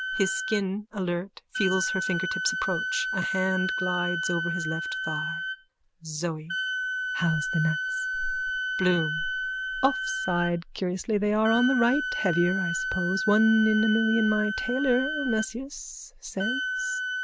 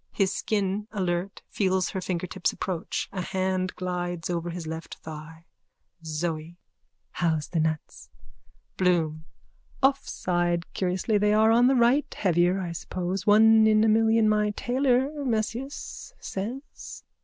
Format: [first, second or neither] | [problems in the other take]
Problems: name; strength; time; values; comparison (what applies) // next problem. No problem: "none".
second | background sound (Wind instrument, woodwind instrument); 3 dB below the speech